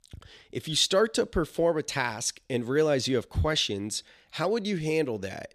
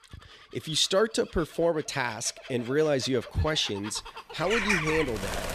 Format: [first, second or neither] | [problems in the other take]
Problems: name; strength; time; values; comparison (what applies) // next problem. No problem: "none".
first | animal sounds; loud; throughout; 6 dB below the speech